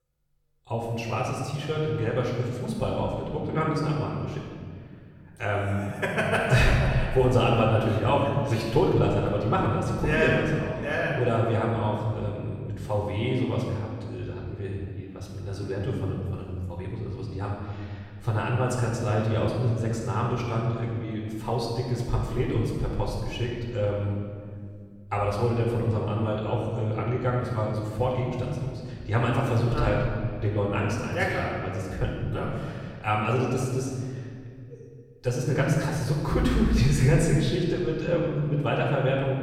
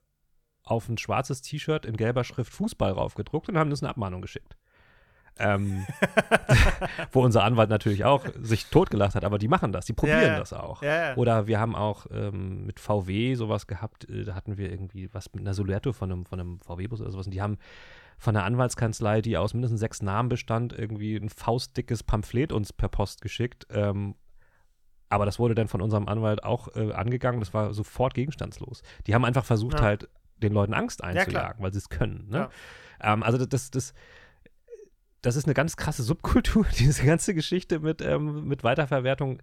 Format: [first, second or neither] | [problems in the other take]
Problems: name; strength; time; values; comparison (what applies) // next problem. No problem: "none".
second | off-mic speech; far // room echo; noticeable; dies away in 1.8 s